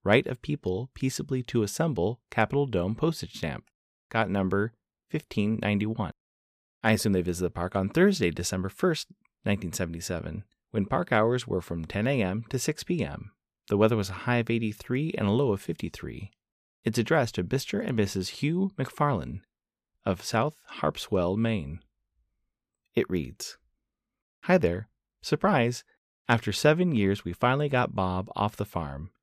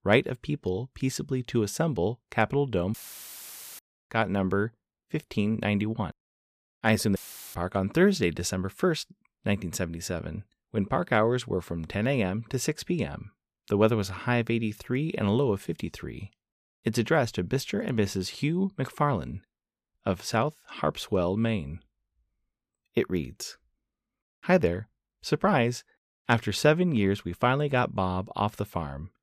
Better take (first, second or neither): first